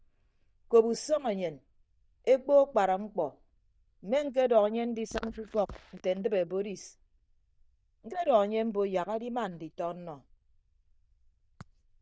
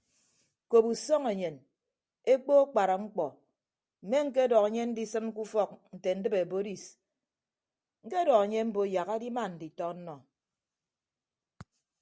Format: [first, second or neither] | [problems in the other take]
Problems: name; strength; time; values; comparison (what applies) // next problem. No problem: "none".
second | noise reduction (neural diffusion model UNIVERSE++)